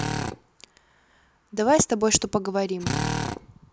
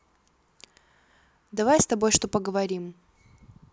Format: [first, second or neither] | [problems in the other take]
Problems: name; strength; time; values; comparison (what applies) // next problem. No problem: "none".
second | background sound (Drill); 6 dB below the speech